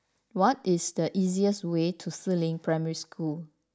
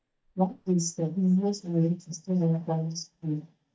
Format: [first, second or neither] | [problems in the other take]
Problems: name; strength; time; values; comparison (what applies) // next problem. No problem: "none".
first | noise reduction (neural mask model DeepFilterNet 3)